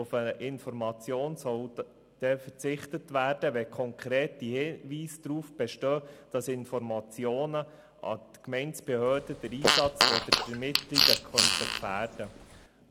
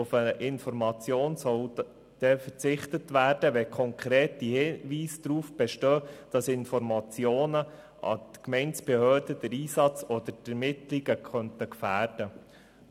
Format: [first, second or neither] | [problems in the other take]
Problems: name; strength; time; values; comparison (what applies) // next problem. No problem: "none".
second | background sound (Fart); 5 dB above the speech